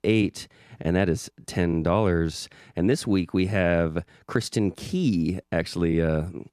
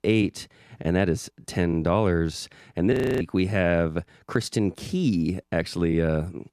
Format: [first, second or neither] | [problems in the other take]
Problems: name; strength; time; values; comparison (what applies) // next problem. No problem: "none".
first | audio freezing; at 3 s